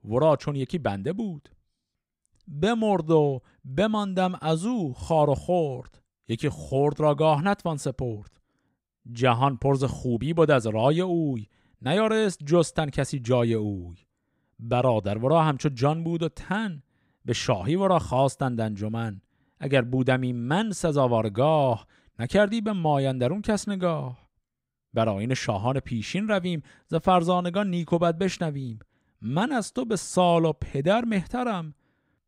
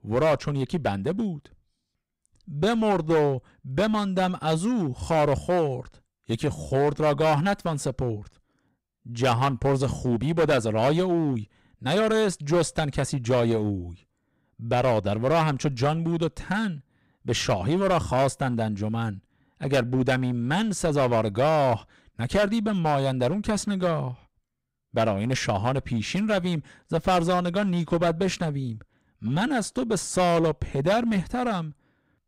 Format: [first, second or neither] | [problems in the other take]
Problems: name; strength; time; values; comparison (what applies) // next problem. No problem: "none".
first | distortion; heavy; 10% of the sound clipped